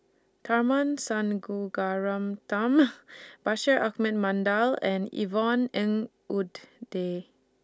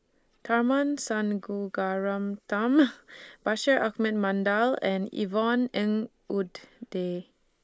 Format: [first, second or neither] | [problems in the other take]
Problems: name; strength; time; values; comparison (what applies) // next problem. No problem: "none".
first | noise reduction (neural mask model Resemble Enhance denoiser)